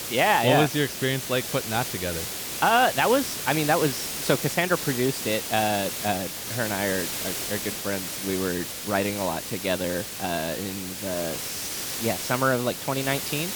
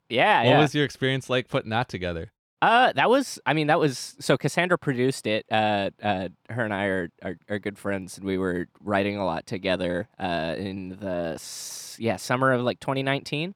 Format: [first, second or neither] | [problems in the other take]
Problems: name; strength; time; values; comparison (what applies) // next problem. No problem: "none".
second | hiss; loud; throughout; 4 dB below the speech